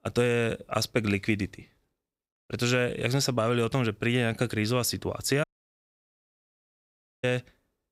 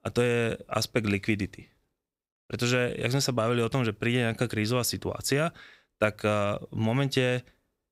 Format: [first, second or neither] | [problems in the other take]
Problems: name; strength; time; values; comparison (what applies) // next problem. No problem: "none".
second | audio cutting out; at 5.5 s for 2 s